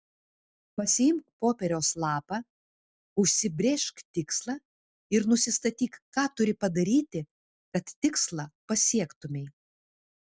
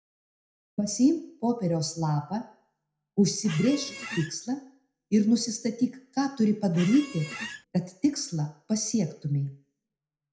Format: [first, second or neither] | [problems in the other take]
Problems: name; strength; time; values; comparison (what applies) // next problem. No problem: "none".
first | background sound (Squeak); 11 dB below the speech // room echo; dies away in 0.4 s